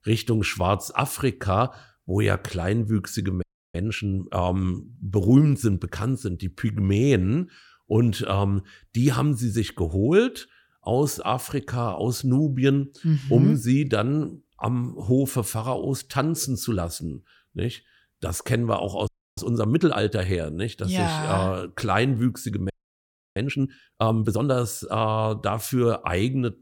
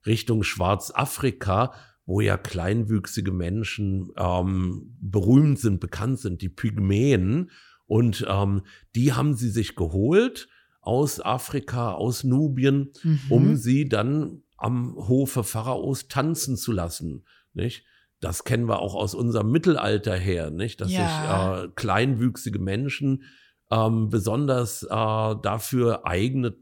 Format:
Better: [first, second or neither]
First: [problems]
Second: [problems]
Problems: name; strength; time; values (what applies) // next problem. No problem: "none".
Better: second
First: audio freezing; at 3.5 s, at 19 s and at 23 s for 0.5 s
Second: none